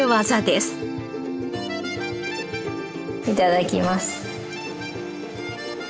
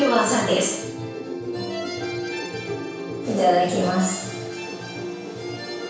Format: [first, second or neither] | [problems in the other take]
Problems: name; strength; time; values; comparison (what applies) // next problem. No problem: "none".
first | room echo; dies away in 0.7 s